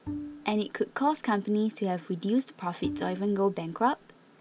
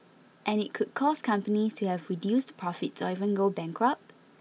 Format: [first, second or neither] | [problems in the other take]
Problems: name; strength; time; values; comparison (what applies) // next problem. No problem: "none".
second | background sound (Bowed string instrument); 12 dB below the speech